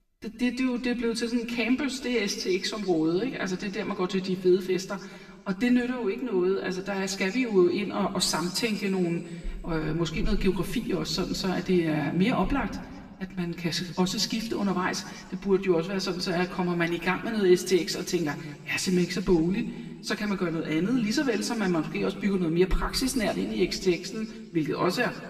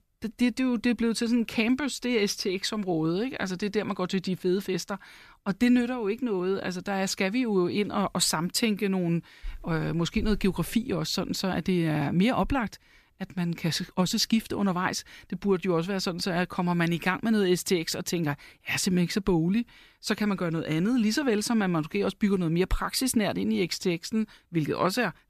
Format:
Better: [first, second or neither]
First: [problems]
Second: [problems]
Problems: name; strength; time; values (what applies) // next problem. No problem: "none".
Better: second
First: room echo; slight; dies away in 1.5 s // off-mic speech; somewhat distant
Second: none